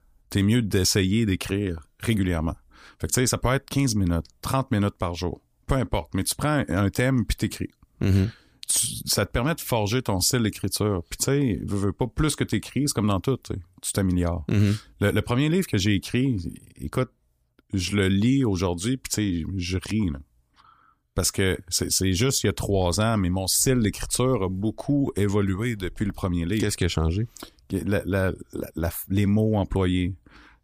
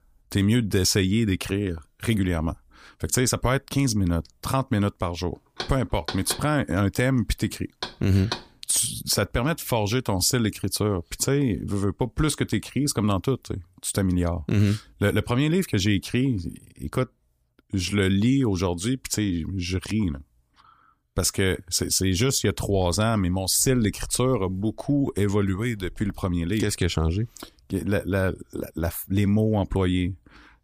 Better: first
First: none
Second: door banging; noticeable; from 5.5 to 8.5 s; peak 7 dB below the speech

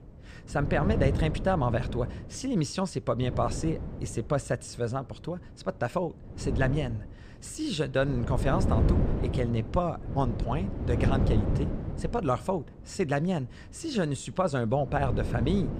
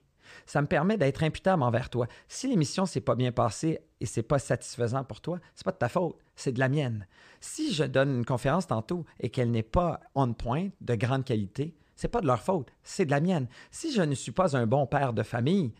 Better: second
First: wind noise on the microphone; heavy; 8 dB below the speech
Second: none

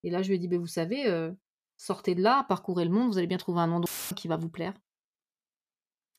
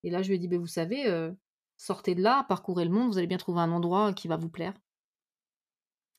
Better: second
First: audio cutting out; filled with static; at 4 s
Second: none

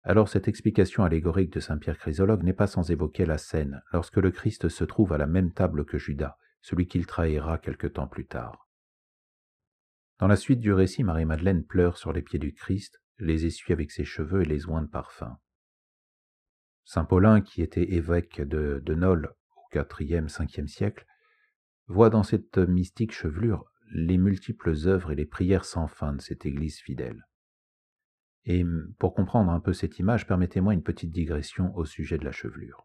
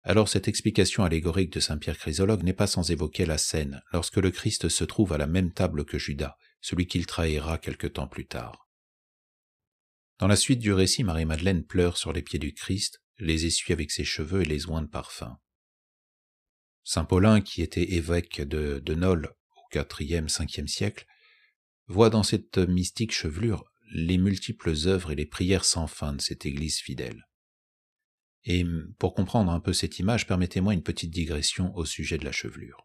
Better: second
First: muffled; very; fading above 2 kHz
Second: none

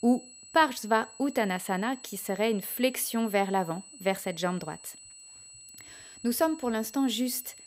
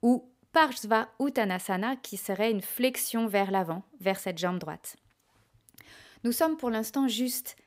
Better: second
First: high-pitched whine; noticeable; throughout; 8 kHz, 20 dB below the speech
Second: none

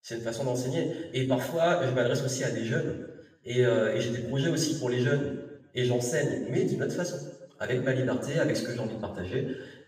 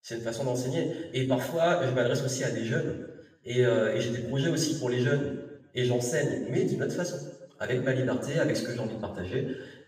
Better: neither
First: room echo; noticeable; dies away in 1 s // off-mic speech; far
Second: room echo; noticeable; dies away in 1 s // off-mic speech; far

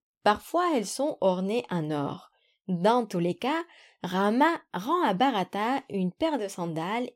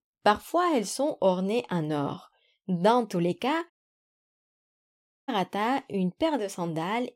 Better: first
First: none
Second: audio cutting out; at 3.5 s for 1.5 s

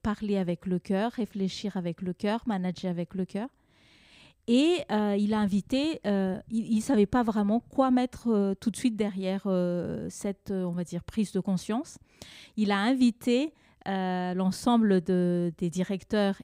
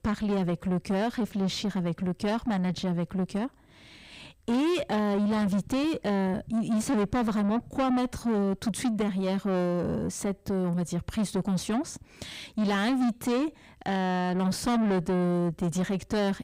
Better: first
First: none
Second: distortion; heavy; 7 dB below the speech

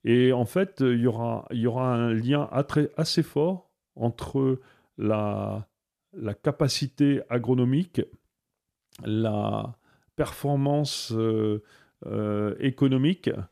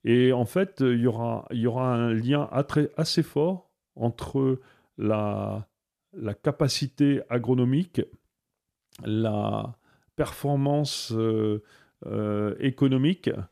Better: neither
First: none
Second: none

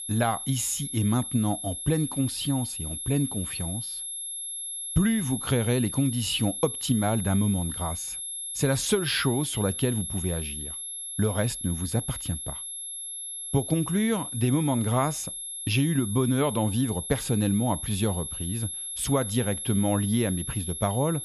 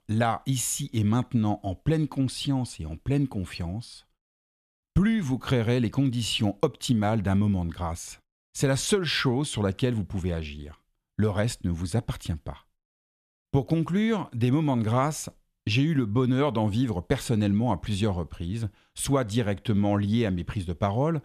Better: second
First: high-pitched whine; loud; throughout; 11 kHz, 5 dB below the speech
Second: none

